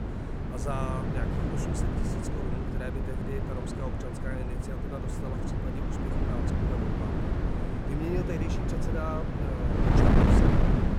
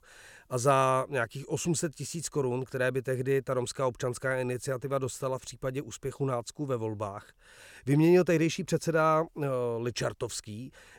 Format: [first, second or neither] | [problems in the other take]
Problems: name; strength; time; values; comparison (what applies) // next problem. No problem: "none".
second | wind noise on the microphone; heavy; 5 dB above the speech